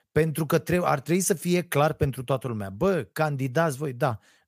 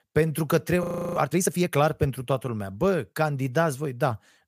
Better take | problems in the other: first | audio freezing; at 1 s

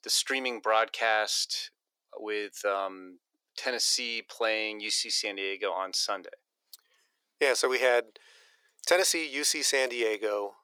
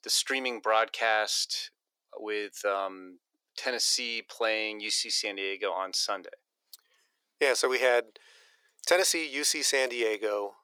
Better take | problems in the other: neither | thin; very; fading below 450 Hz; the same in both

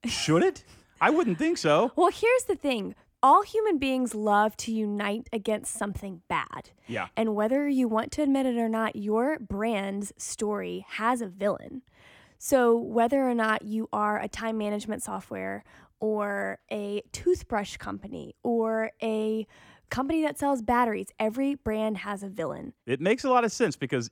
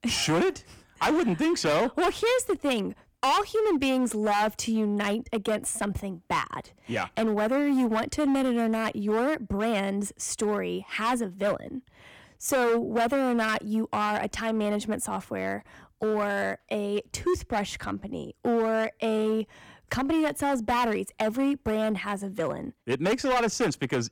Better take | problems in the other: first | distortion; heavy; 13% of the sound clipped

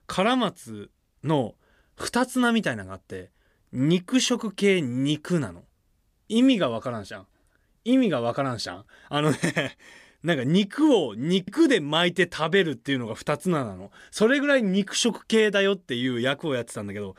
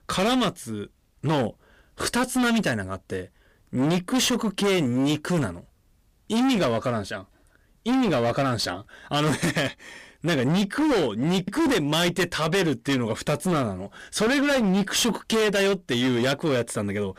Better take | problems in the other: first | distortion; heavy; 22% of the sound clipped

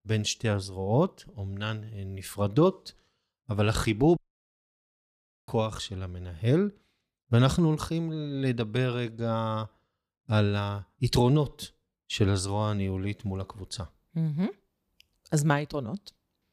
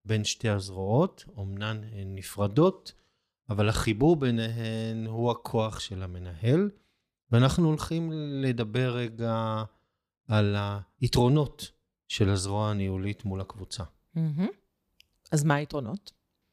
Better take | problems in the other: second | audio cutting out; at 4 s for 1.5 s

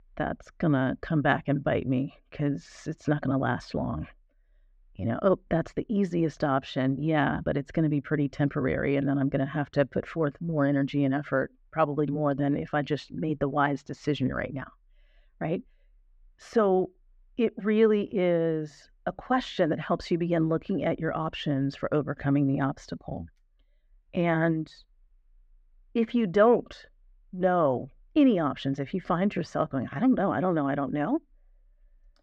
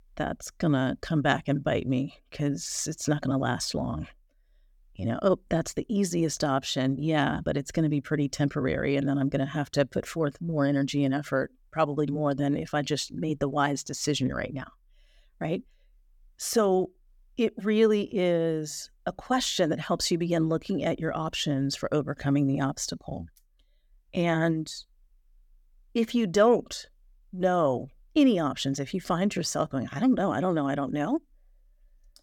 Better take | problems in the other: second | muffled; very; fading above 2 kHz

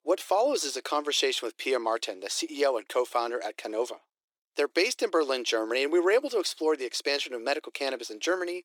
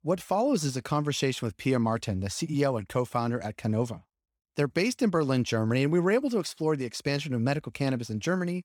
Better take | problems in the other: second | thin; very; fading below 350 Hz

